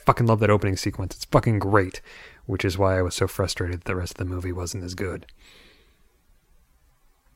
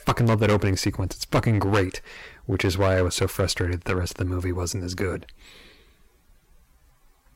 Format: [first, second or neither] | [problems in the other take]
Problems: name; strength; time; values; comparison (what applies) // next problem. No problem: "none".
first | distortion; heavy; 5% of the sound clipped